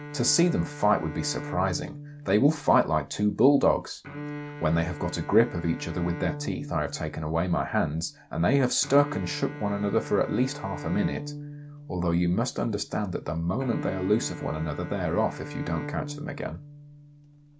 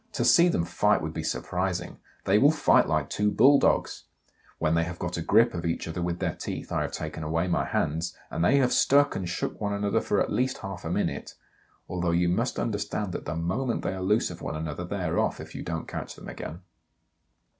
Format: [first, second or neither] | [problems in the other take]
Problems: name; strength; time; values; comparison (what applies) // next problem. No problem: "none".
second | background sound (Bowed string instrument); 12 dB below the speech